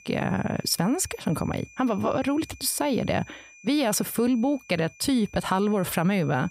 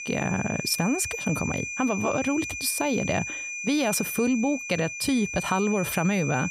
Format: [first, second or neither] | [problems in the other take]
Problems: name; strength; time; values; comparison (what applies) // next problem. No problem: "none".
first | high-pitched whine; loud; throughout; 2.5 kHz, 5 dB below the speech; faint in the first